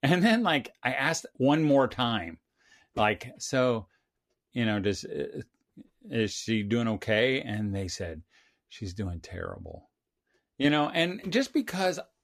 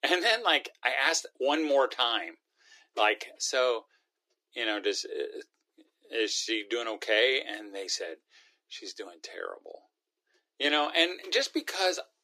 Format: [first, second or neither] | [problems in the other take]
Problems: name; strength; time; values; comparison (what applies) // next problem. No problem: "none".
first | thin; very; fading below 300 Hz